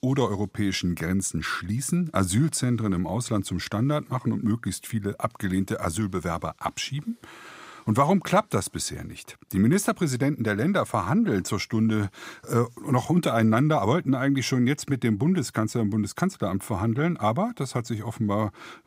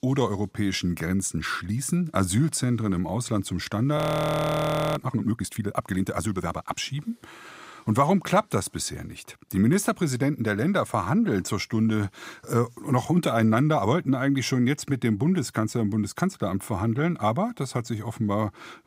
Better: first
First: none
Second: audio freezing; at 4 s for 1 s

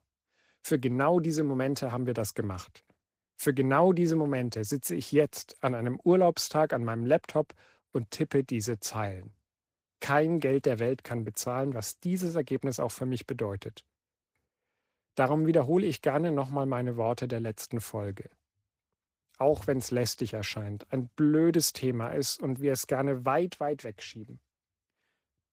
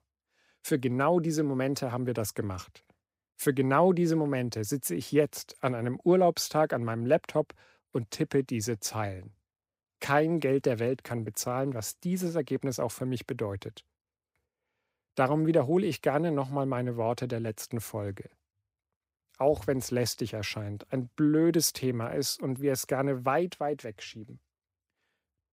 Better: second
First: garbled, watery; slightly; nothing above 15.5 kHz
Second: none

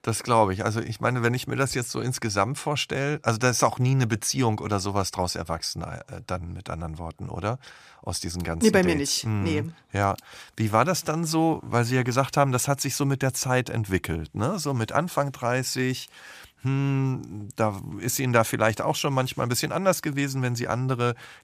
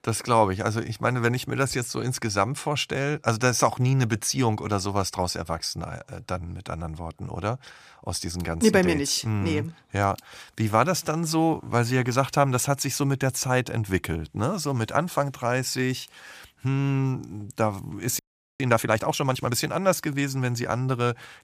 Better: first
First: none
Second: audio freezing; at 18 s

